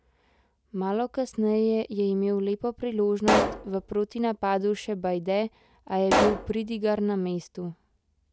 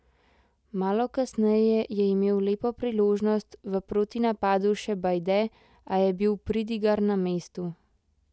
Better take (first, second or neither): second